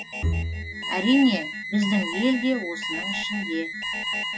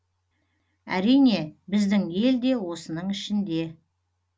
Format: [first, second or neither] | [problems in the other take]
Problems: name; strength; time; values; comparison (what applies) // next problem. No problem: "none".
second | noise reduction (classical method log-MMSE)